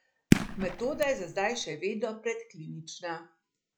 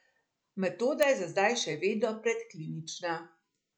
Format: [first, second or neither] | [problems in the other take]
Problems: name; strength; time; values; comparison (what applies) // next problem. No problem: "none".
second | background sound (Fireworks); 5 dB above the speech